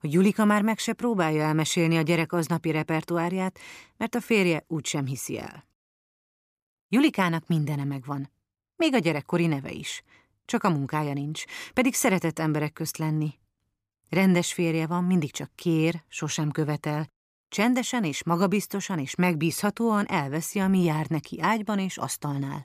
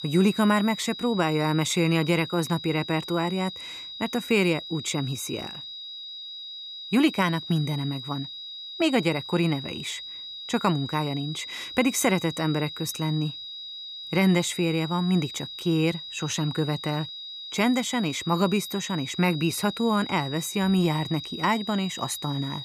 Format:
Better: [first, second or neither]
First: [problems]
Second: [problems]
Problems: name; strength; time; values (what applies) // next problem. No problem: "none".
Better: first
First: none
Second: high-pitched whine; loud; throughout; 4 kHz, 10 dB below the speech